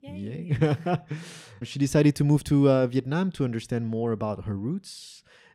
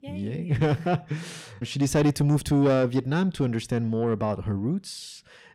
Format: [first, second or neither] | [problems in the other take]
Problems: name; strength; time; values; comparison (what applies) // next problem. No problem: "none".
first | distortion; slight; 10 dB below the speech